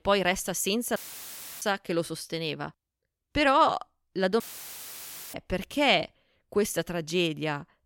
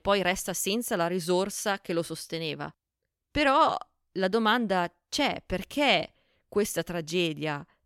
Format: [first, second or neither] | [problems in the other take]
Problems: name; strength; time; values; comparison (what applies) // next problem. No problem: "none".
second | audio cutting out; filled with static; at 1 s for 0.5 s and at 4.5 s for 1 s